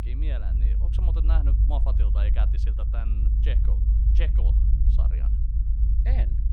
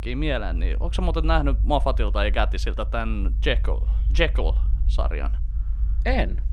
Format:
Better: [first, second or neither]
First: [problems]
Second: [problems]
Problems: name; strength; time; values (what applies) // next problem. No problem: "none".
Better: second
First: low rumble; loud; throughout; 2 dB below the speech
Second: low rumble; faint; throughout; 20 dB below the speech